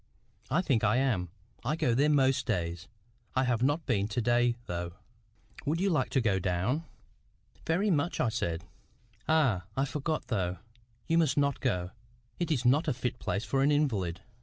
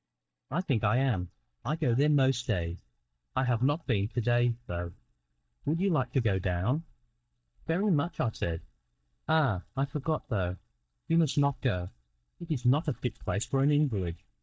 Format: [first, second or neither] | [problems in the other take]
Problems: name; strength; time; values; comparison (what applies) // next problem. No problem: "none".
first | noise reduction (neural mask model DeepFilterNet 3)